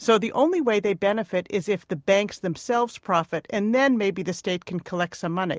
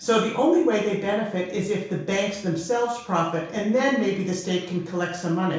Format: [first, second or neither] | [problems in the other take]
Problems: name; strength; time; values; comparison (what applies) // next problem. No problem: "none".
first | room echo; dies away in 0.6 s